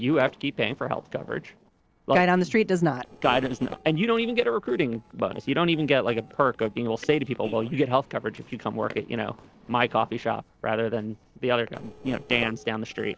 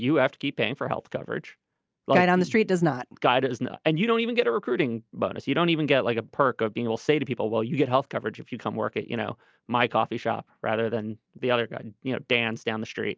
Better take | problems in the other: second | noise reduction (neural separator model SepFormer DNS4)

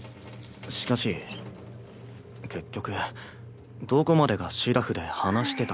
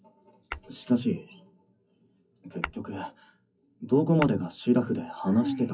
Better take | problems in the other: first | noise reduction (classical method WPE with log-MMSE)

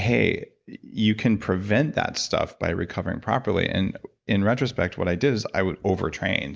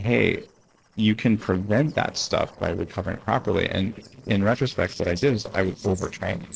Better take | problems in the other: first | noise reduction (neural separator model SepFormer DNS4)

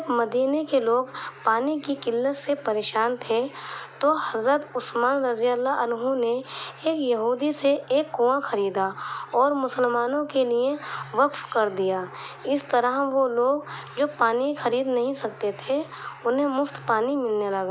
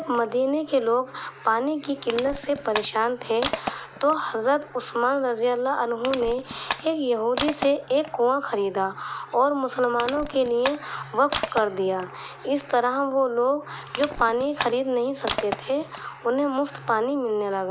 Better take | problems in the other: first | background sound (Crushing); 12 dB below the speech

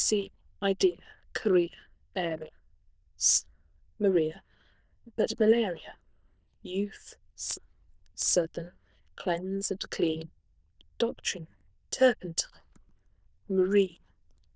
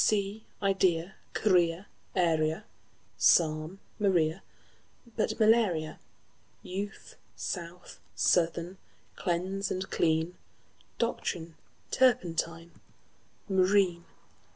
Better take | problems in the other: second | noise reduction (neural diffusion model UNIVERSE++)

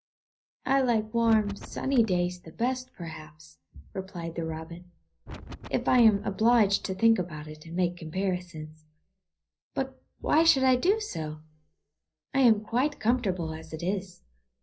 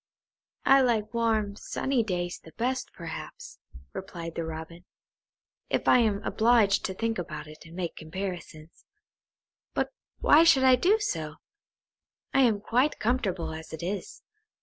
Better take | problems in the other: second | background sound (Wind); 13 dB below the speech // room echo; dies away in 0.5 s

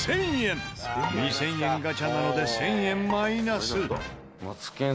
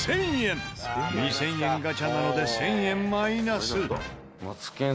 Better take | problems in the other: second | background sound (Bowed string instrument); 16 dB below the speech

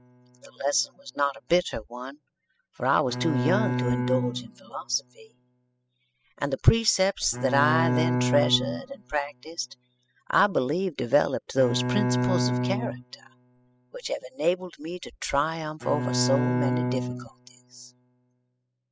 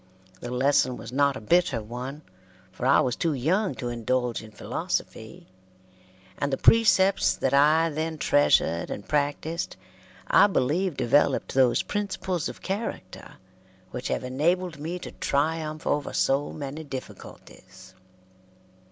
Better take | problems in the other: second | noise reduction (classical method spectral subtraction)

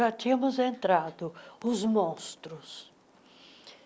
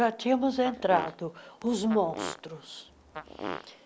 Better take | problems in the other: first | background sound (Fart); 12 dB below the speech

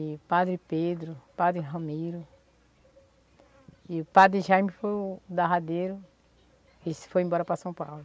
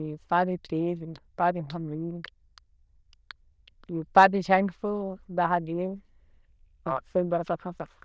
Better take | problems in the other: first | noise reduction (neural diffusion model UNIVERSE++)

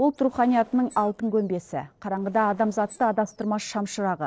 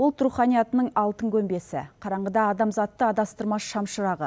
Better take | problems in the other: second | noise reduction (neural separator model SepFormer DNS4)

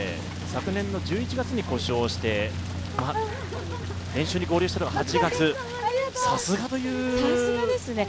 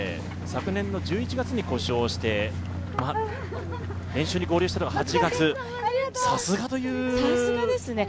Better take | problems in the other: second | background sound (Rain); 18 dB below the speech

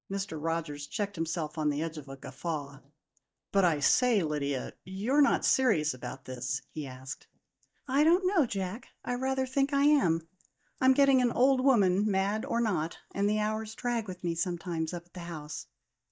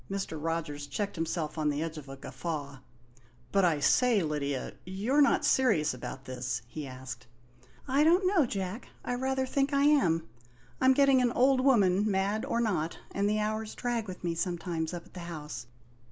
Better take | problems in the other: second | noise reduction (neural mask model DeepFilterNet 3)

